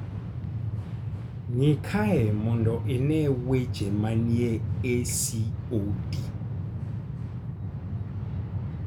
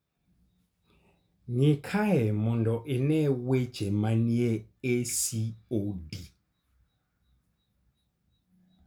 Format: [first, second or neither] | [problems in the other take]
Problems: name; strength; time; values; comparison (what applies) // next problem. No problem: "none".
second | background sound (Train); 2 dB below the speech